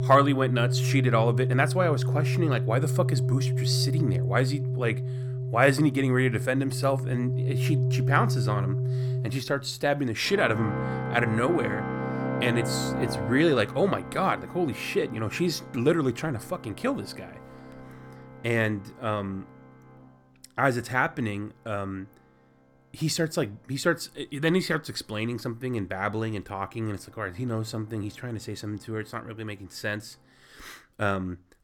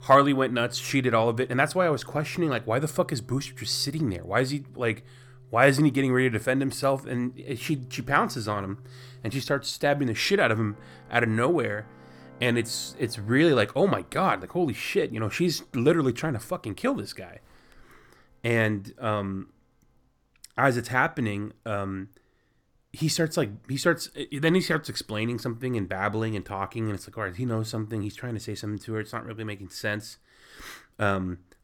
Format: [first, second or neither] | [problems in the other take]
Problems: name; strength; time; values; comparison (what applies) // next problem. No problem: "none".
second | background music; loud; throughout; 1 dB below the speech; faint in the second